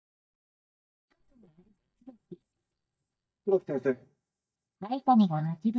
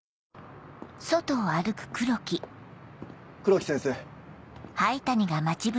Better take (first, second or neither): second